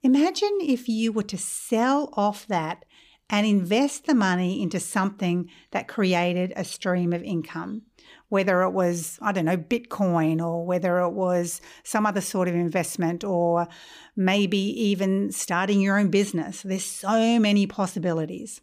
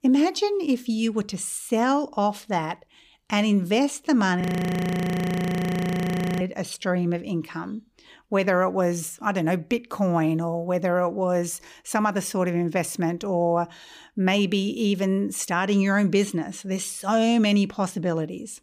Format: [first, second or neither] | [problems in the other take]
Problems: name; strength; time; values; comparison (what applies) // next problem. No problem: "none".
first | audio freezing; at 4.5 s for 2 s